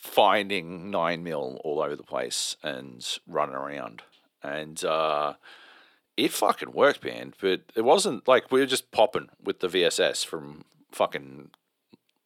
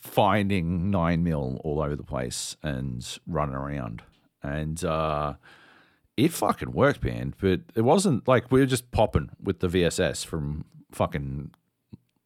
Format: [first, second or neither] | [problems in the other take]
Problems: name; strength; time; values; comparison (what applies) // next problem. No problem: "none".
second | thin; somewhat; fading below 450 Hz